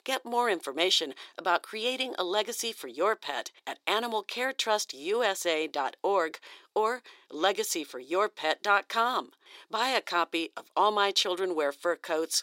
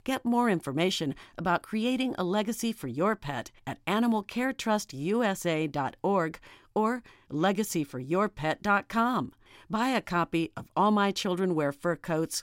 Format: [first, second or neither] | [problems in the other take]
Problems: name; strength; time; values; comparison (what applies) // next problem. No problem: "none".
second | thin; very; fading below 400 Hz